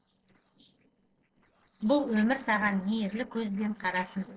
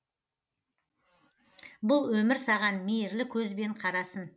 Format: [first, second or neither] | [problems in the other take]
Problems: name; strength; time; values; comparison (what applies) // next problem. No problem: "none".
second | noise reduction (neural separator model SepFormer DNS4)